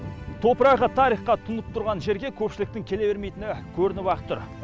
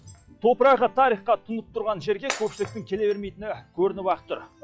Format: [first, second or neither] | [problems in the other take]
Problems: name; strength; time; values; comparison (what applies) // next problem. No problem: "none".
first | noise reduction (classical method log-MMSE)